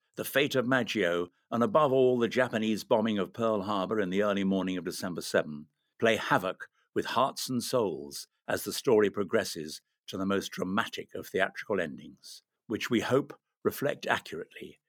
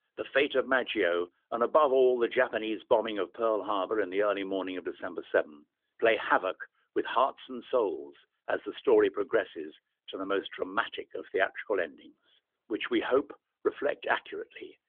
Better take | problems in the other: first | phone-call audio; nothing above 3.5 kHz

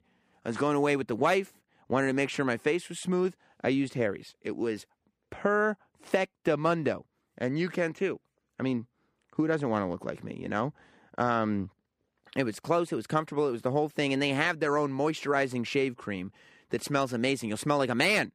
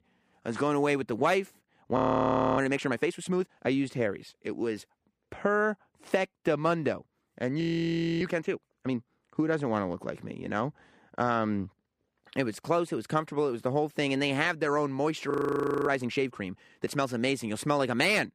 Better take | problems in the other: first | audio freezing; at 2 s for 0.5 s, at 7.5 s for 0.5 s and at 15 s for 0.5 s

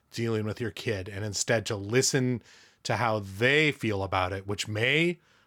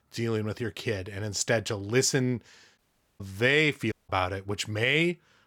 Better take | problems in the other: first | audio cutting out; at 3 s and at 4 s

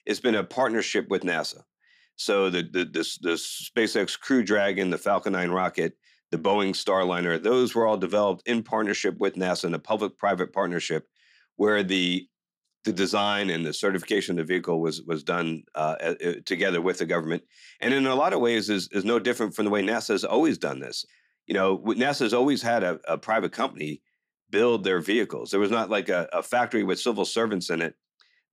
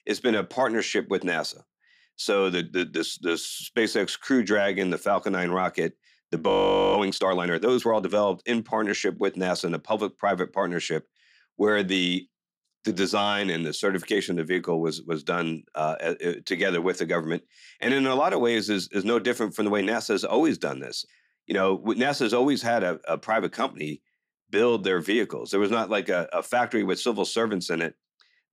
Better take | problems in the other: first | audio freezing; at 6.5 s

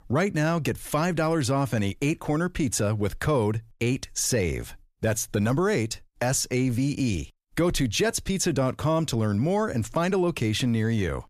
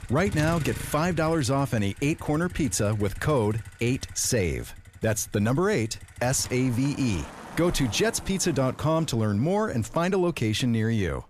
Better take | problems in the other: first | traffic noise; noticeable; throughout; 15 dB below the speech

